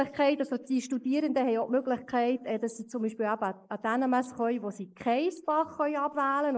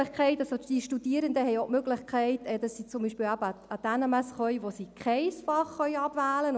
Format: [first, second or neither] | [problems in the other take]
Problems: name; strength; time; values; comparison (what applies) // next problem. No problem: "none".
second | noise reduction (neural mask model Resemble Enhance denoiser)